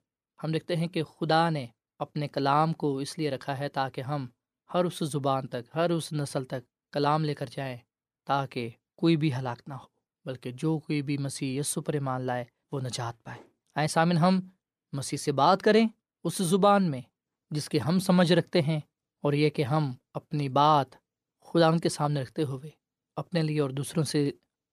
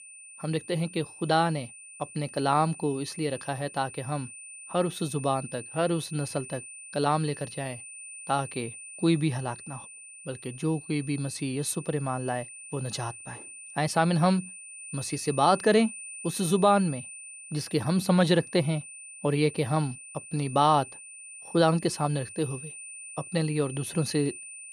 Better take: first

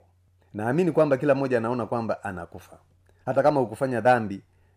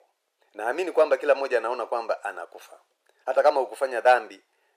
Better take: first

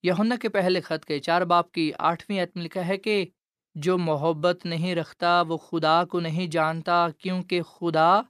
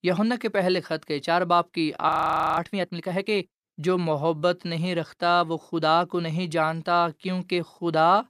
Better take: first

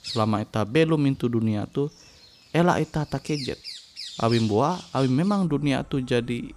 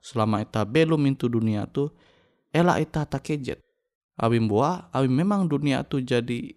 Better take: second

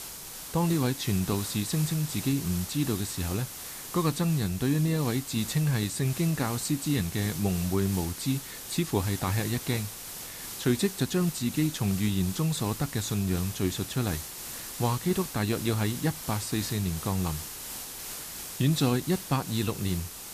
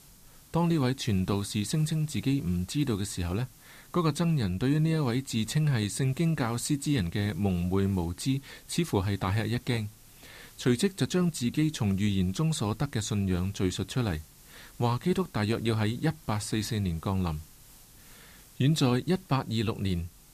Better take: second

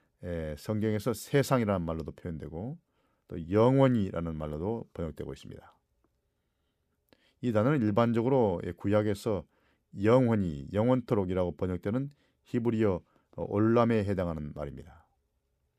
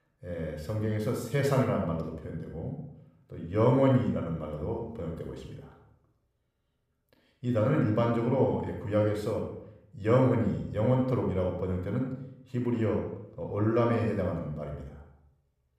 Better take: first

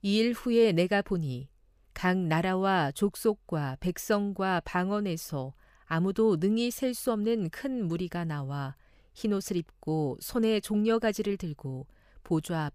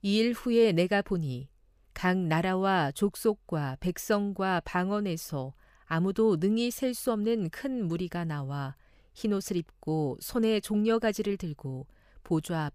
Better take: neither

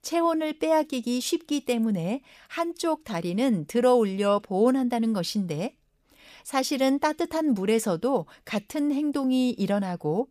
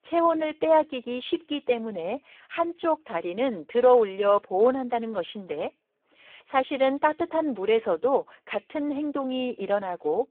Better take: first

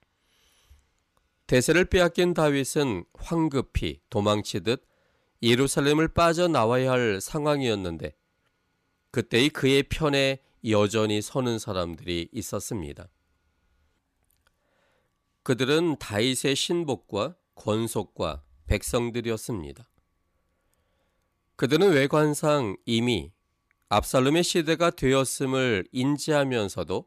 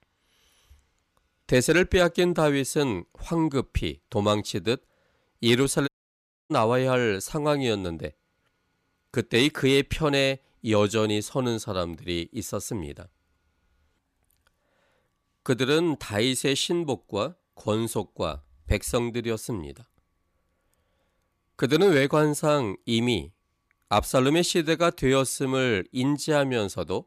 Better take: first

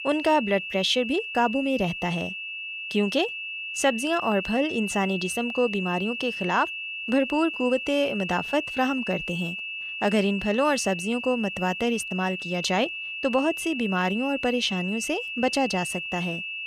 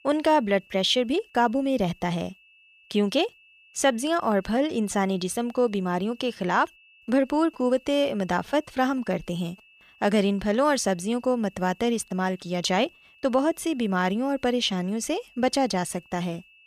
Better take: second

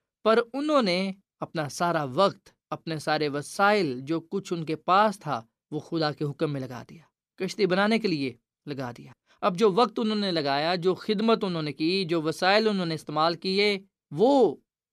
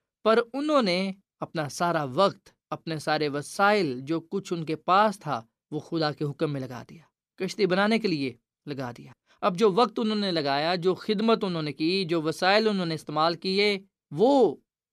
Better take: neither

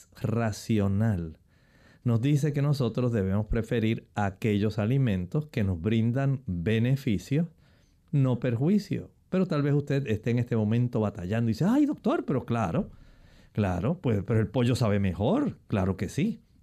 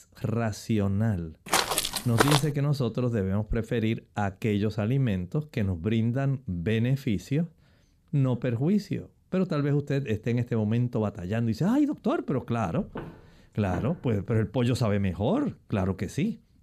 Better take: first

